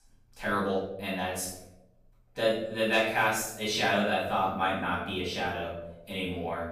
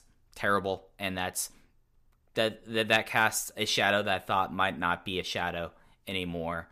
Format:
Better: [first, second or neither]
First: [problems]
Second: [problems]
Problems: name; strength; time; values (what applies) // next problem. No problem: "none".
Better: second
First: room echo; noticeable; dies away in 0.8 s // off-mic speech; far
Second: none